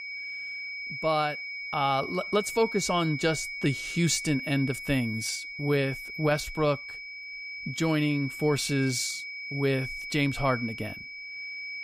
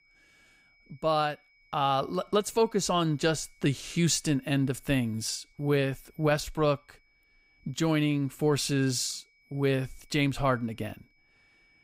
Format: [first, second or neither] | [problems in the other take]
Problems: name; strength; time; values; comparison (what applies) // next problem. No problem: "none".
second | high-pitched whine; loud; throughout; 2.5 kHz, 7 dB below the speech; faint in the second